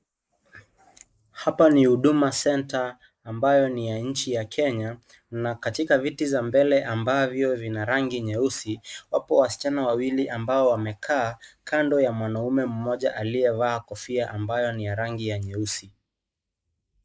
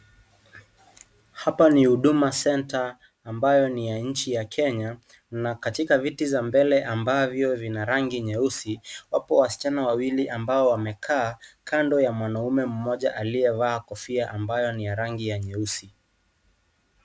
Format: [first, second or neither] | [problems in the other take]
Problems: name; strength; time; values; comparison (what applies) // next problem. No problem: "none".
second | noise reduction (neural mask model Resemble Enhance denoiser)